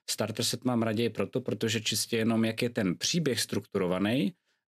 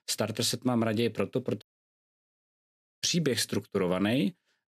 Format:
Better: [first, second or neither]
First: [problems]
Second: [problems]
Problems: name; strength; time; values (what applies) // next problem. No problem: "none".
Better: first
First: none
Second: audio cutting out; at 1.5 s for 1.5 s